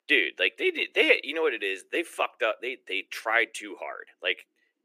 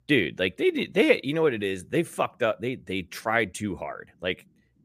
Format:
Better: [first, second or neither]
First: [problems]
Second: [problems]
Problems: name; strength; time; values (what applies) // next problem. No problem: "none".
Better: second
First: thin; somewhat; fading below 350 Hz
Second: none